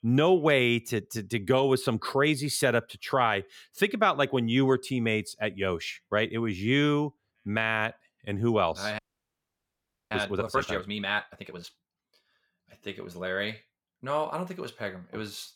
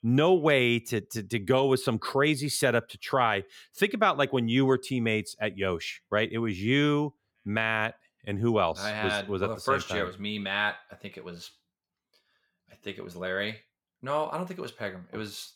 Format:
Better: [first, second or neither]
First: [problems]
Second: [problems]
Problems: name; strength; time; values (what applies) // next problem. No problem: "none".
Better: second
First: audio freezing; at 9 s for 1 s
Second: none